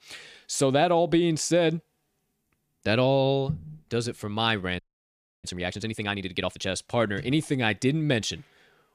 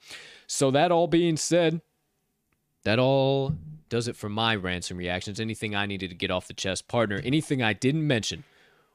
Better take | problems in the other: second | audio freezing; at 5 s for 0.5 s

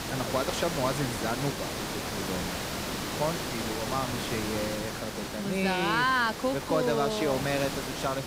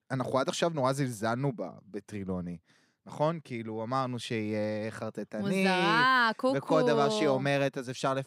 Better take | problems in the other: second | hiss; loud; throughout; 3 dB below the speech

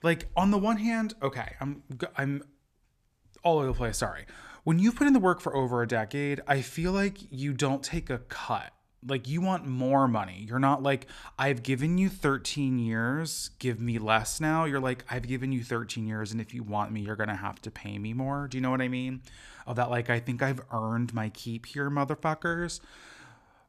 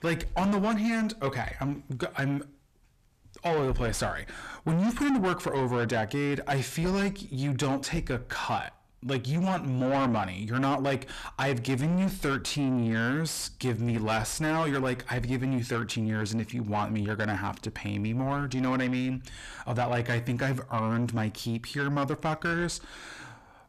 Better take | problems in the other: first | distortion; heavy; 7 dB below the speech

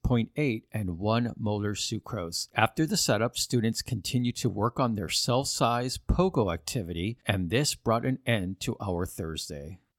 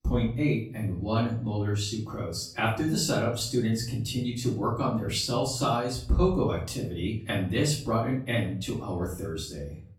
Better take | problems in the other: first | off-mic speech; far // room echo; slight; dies away in 0.4 s

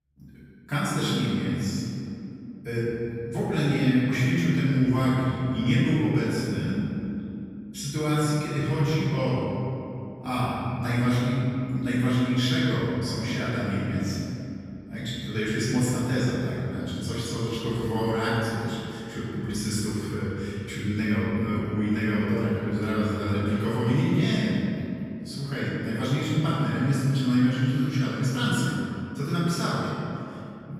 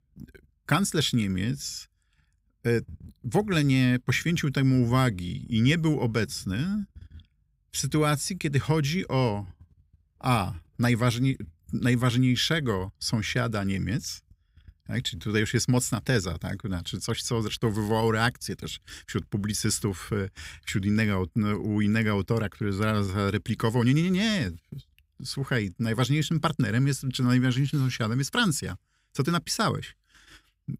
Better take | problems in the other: second | off-mic speech; far // room echo; strong; dies away in 2.6 s

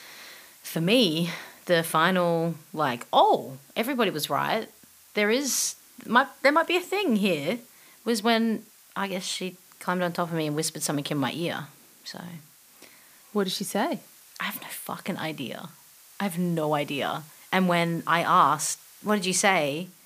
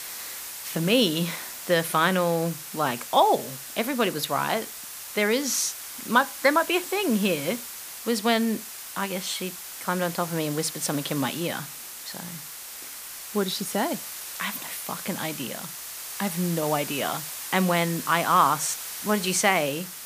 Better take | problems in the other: first | hiss; loud; throughout; 9 dB below the speech; faint in the first

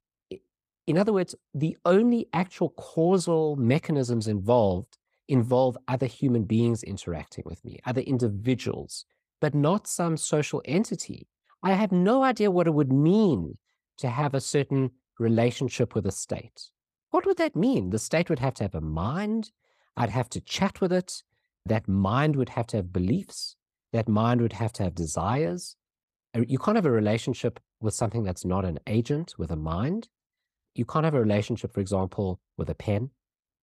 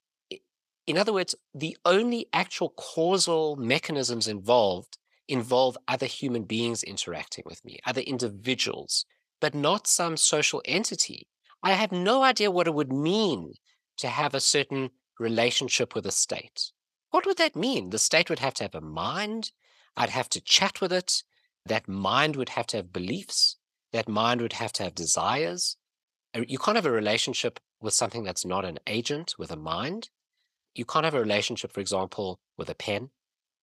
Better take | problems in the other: first | thin; somewhat; fading below 800 Hz

